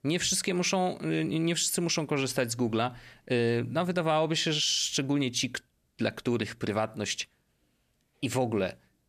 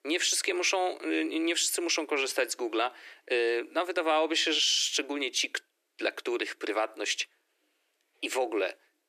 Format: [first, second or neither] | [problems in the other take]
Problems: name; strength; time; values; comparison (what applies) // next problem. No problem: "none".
first | thin; very; fading below 300 Hz